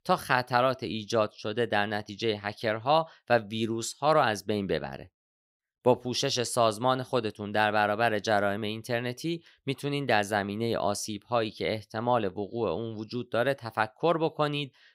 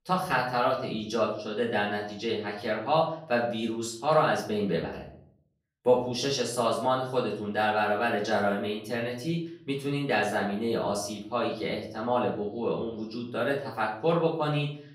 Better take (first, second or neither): first